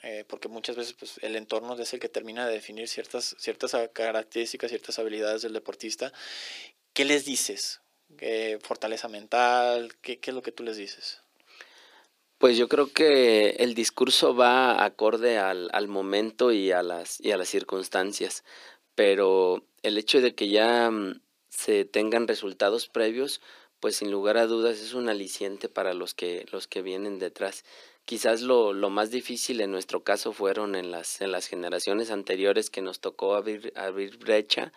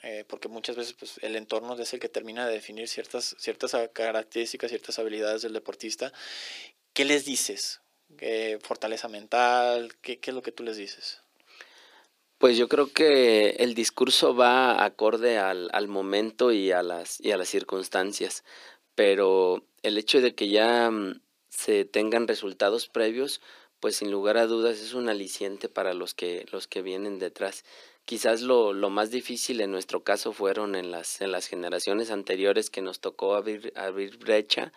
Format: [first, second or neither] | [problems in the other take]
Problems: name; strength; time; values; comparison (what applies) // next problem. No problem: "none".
neither | thin; somewhat; fading below 300 Hz; the same in both